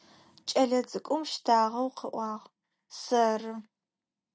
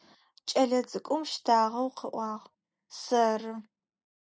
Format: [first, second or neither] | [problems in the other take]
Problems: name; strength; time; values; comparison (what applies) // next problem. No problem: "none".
first | noise reduction (neural mask model Resemble Enhance denoiser)